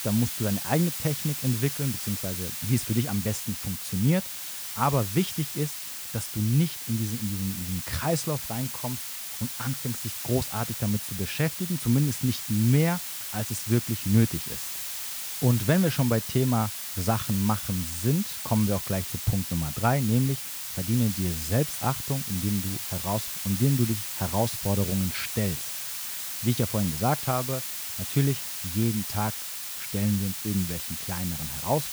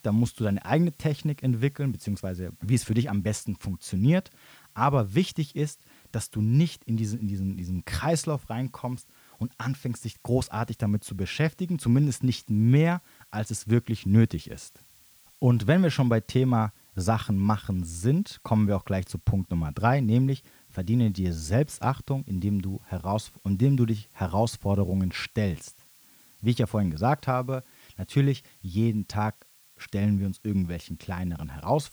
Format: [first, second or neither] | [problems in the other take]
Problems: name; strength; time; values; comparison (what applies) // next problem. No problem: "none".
second | hiss; loud; throughout; 4 dB below the speech; faint in the second